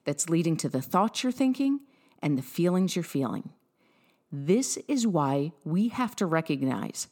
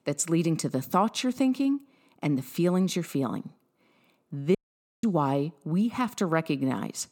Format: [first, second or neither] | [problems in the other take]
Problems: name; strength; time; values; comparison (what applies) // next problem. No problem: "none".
first | audio cutting out; at 4.5 s